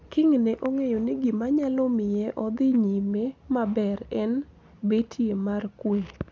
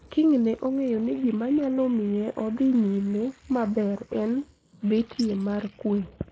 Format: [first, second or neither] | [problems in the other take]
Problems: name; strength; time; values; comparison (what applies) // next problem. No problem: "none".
first | noise reduction (neural mask model Resemble Enhance denoiser)